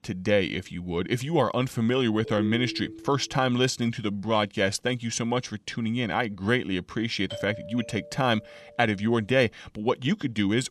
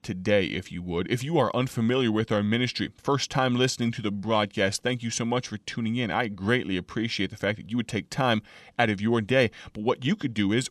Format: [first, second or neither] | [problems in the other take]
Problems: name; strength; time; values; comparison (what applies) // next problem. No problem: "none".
second | phone ringing; noticeable; at 2 s; peak 7 dB below the speech // doorbell; faint; from 7.5 to 9 s; peak 10 dB below the speech